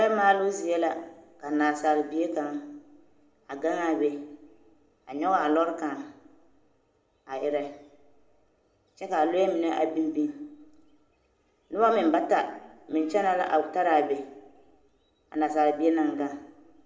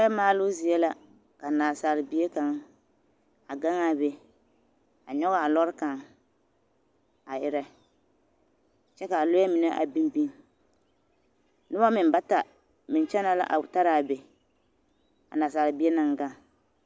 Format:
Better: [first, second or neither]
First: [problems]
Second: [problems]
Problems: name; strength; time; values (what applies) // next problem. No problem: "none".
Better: second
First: room echo; dies away in 0.7 s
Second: none